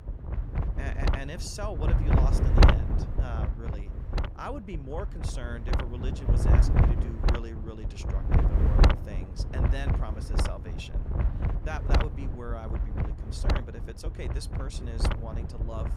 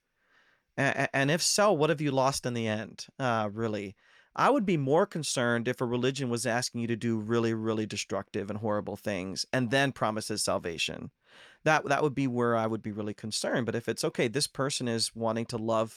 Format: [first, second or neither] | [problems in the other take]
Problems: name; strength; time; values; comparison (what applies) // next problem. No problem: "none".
second | wind noise on the microphone; heavy; 5 dB above the speech